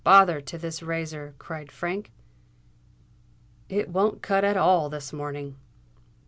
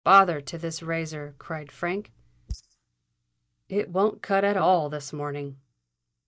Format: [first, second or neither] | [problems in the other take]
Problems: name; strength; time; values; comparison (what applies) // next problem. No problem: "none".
first | noise reduction (neural mask model DeepFilterNet 3)